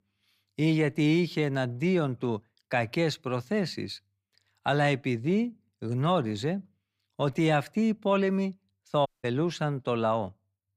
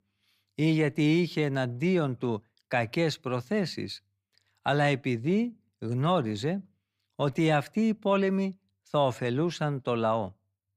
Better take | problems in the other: second | audio cutting out; at 9 s

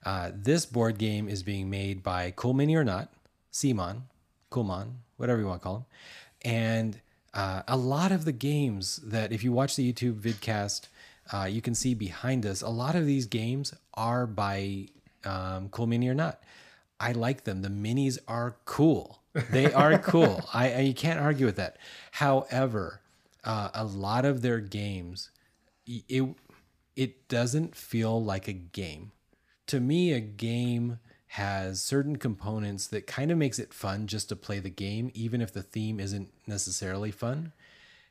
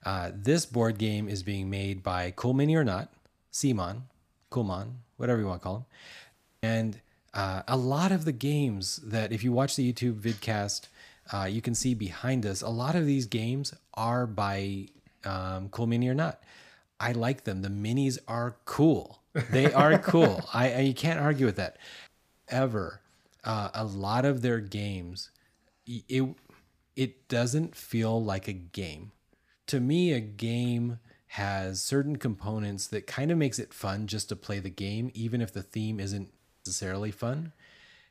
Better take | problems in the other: first | audio cutting out; at 6.5 s, at 22 s and at 36 s

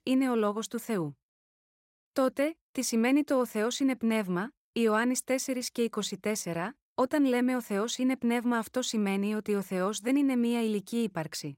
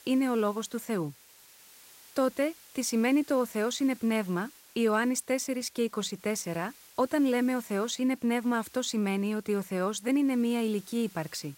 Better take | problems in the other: first | hiss; faint; throughout; 25 dB below the speech

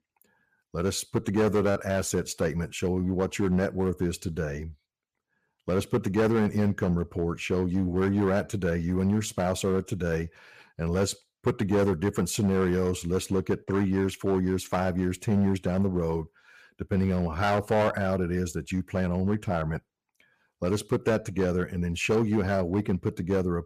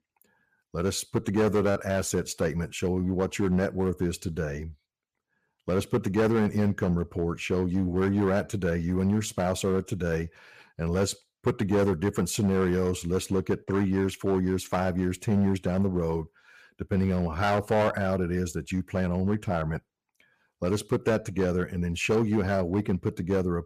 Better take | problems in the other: neither | distortion; slight; 6% of the sound clipped; the same in both

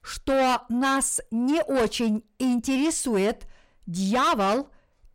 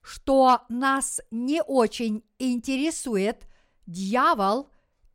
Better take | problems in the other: second | distortion; heavy; 7 dB below the speech

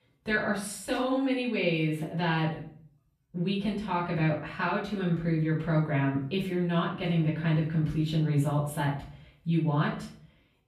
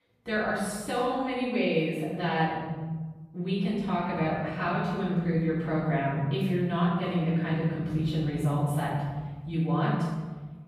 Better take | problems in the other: first | room echo; strong; dies away in 1.7 s; slight in the first // off-mic speech; far; far in the first

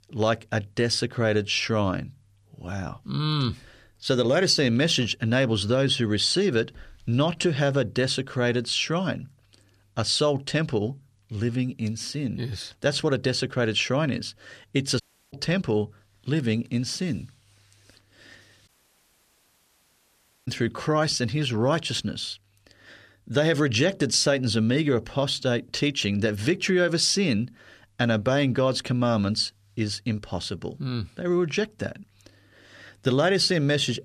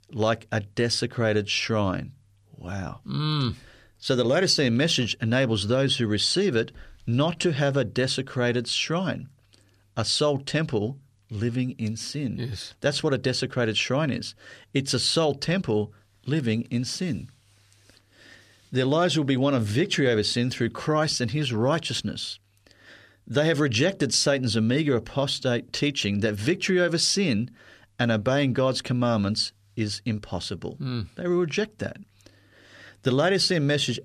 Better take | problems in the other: second | audio cutting out; at 15 s and at 19 s for 2 s

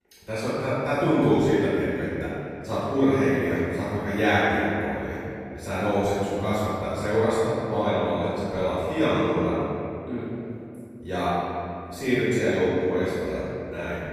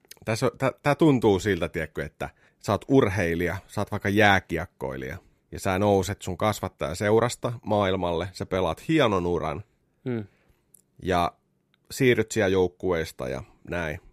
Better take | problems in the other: second | room echo; strong; dies away in 2.5 s // off-mic speech; far

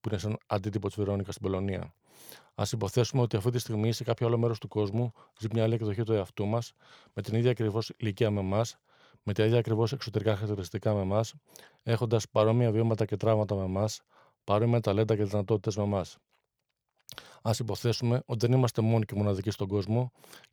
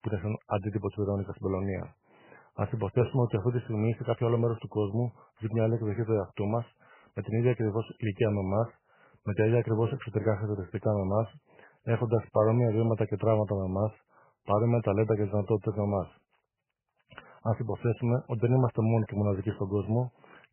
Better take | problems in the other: first | garbled, watery; badly; nothing above 3 kHz

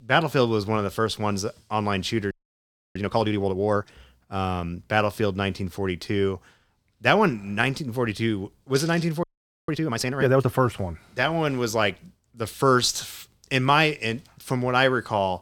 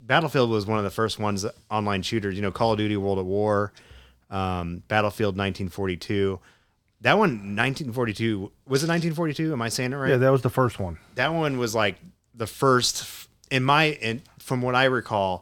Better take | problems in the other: second | audio freezing; at 2.5 s for 0.5 s and at 9 s

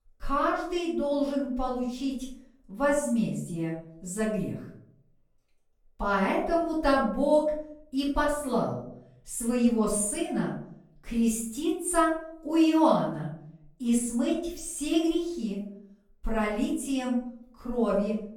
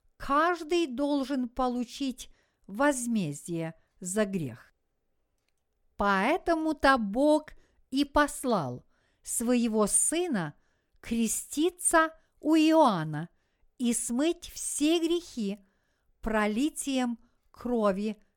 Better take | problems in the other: second | room echo; noticeable; dies away in 0.6 s // off-mic speech; far

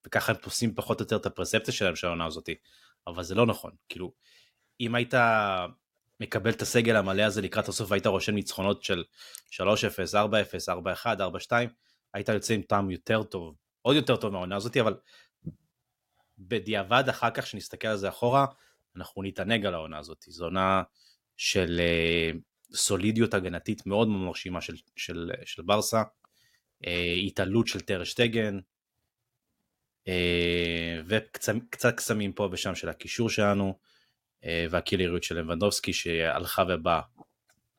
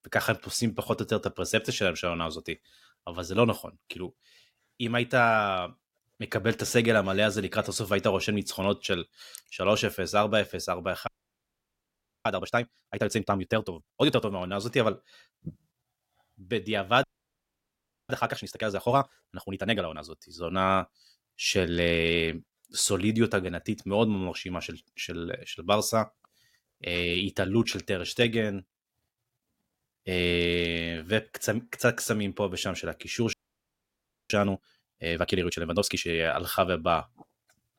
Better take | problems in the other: first | audio freezing; at 11 s for 1 s, at 17 s for 1 s and at 33 s for 1 s

